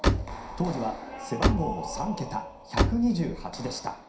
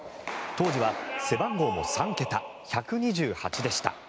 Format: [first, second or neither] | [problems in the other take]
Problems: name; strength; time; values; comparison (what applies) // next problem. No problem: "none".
second | background sound (Slam); 1 dB above the speech // room echo; dies away in 0.5 s